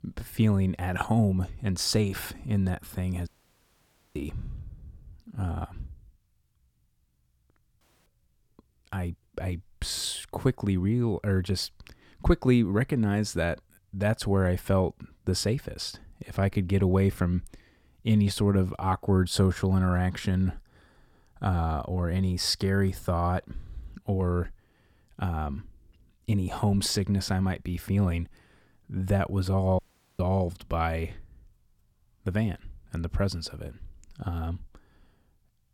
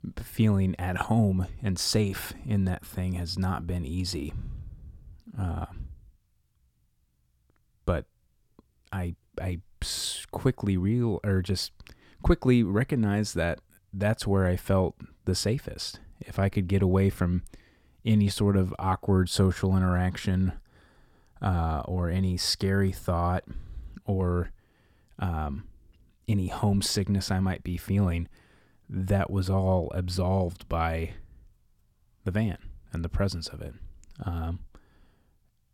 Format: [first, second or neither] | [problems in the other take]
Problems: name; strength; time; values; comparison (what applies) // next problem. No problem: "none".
second | audio cutting out; at 3.5 s for 1 s, at 8 s and at 30 s